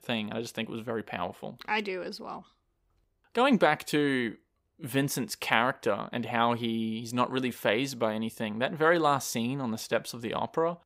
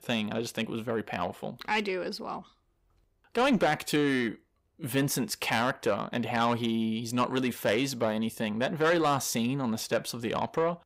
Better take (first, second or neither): first